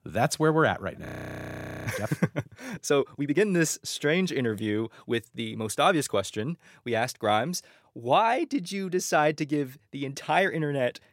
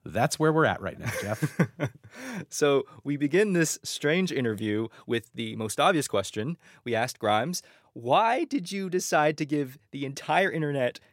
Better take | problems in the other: second | audio freezing; at 1 s for 1 s

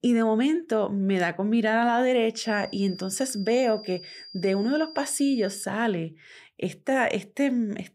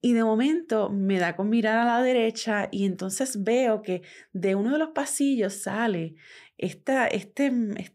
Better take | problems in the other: second | high-pitched whine; noticeable; from 2.5 to 5.5 s; 5 kHz, 15 dB below the speech

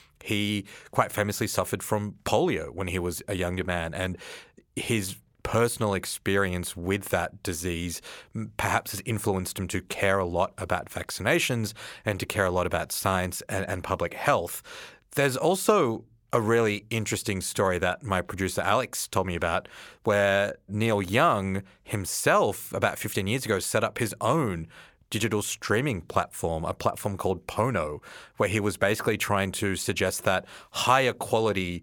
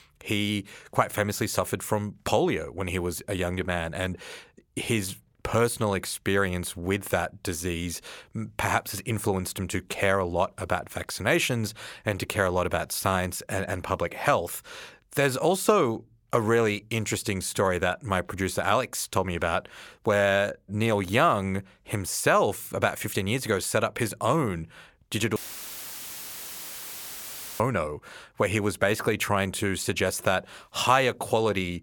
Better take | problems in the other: first | audio cutting out; filled with static; at 25 s for 2 s

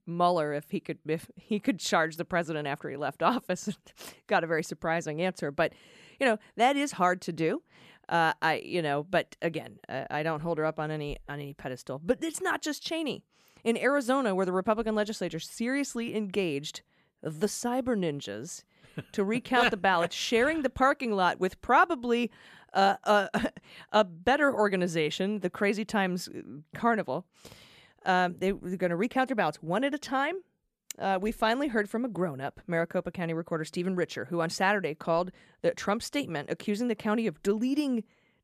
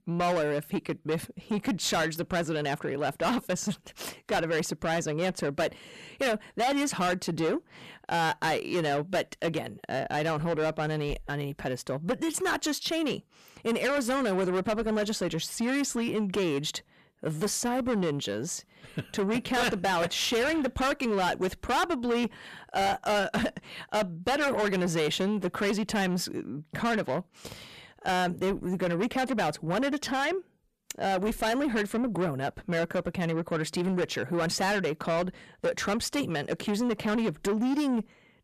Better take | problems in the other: first | distortion; heavy; 6 dB below the speech

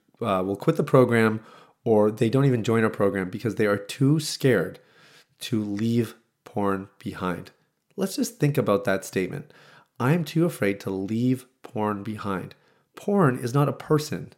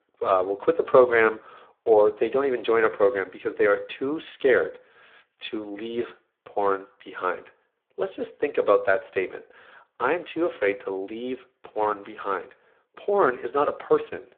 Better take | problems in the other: first | phone-call audio; poor line; nothing above 3.5 kHz

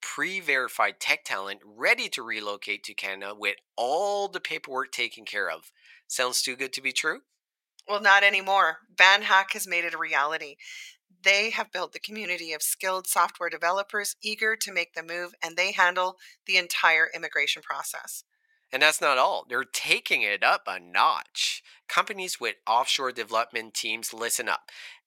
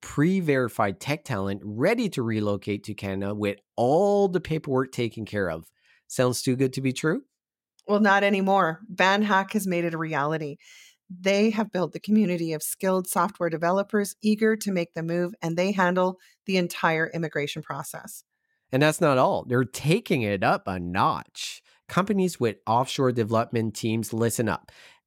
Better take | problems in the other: second | thin; very; fading below 850 Hz

